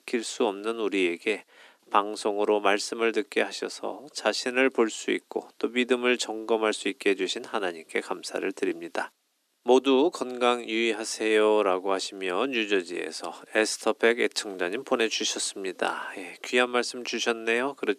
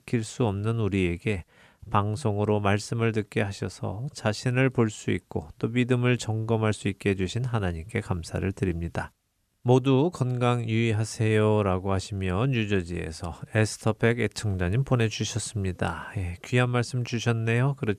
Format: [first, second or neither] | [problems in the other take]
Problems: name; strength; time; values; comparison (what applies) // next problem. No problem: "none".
second | thin; somewhat; fading below 250 Hz